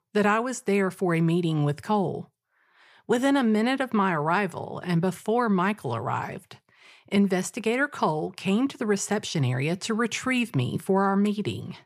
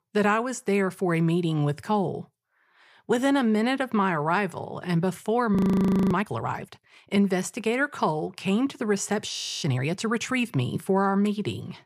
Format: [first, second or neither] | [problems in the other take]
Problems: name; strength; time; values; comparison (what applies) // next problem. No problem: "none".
first | audio freezing; at 5.5 s for 0.5 s and at 9.5 s